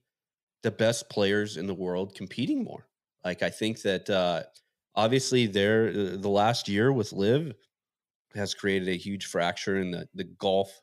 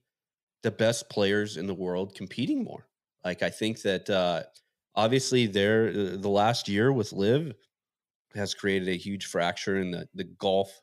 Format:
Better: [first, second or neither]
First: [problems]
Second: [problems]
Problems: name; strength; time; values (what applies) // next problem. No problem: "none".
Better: neither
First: none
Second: none